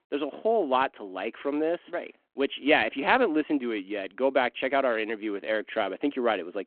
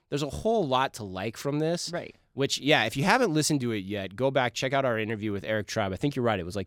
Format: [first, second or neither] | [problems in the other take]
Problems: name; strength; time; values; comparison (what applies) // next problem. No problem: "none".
second | phone-call audio